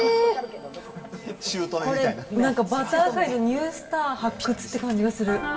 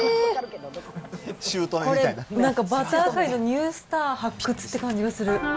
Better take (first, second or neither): second